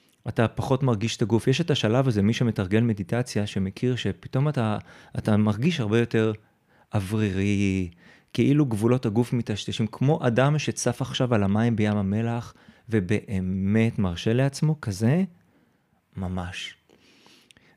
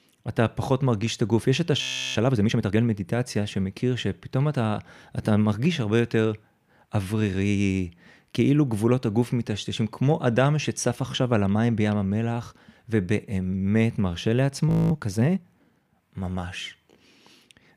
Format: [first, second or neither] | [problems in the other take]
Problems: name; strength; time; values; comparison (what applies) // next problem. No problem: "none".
first | audio freezing; at 2 s and at 15 s